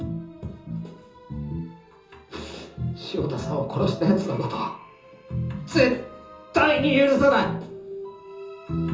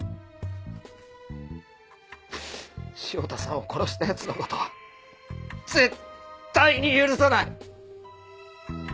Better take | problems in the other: second | room echo; dies away in 0.6 s

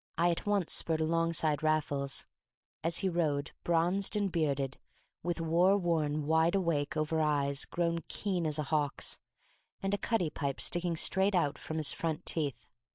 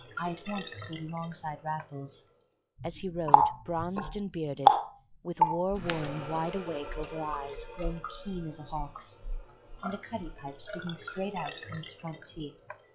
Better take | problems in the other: first | noise reduction (classical method log-MMSE)

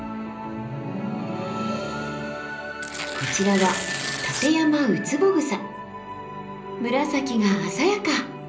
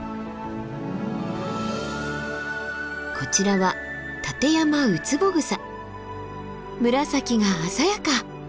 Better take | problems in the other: second | background sound (Tearing); 7 dB below the speech // room echo; dies away in 0.5 s

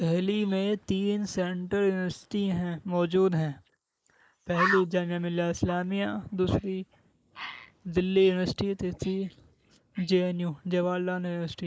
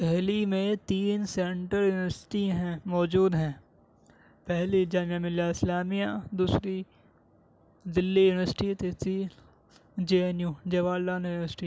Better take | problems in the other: second | noise reduction (neural mask model Resemble Enhance denoiser)

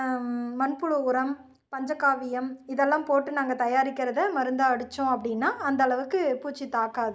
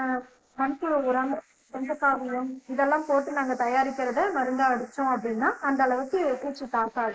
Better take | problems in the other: first | noise reduction (neural mask model Resemble Enhance denoiser)

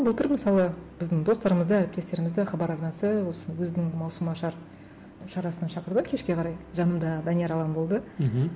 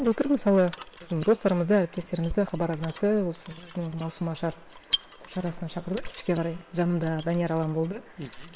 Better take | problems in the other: first | noise reduction (neural separator model SepFormer WHAM!)

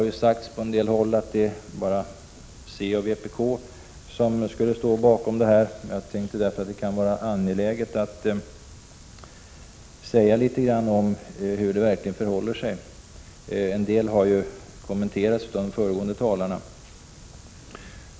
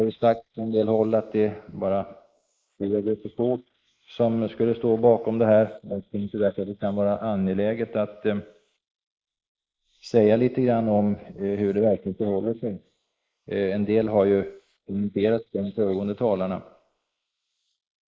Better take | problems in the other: first | noise reduction (neural mask model Resemble Enhance denoiser)

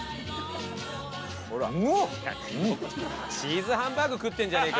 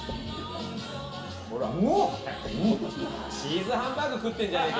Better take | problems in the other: first | background sound (Knock / Wood); 20 dB below the speech // room echo; dies away in 0.8 s

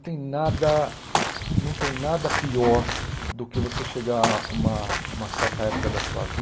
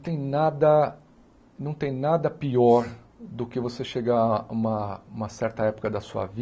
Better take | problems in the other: second | background sound (Walk, footsteps / Bird vocalization, bird call, bird song); as loud as the speech

